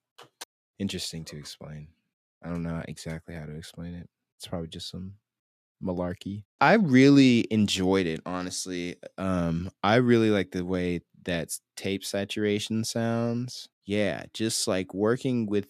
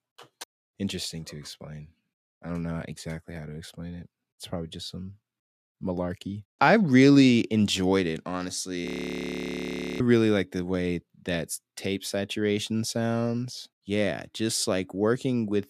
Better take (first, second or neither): first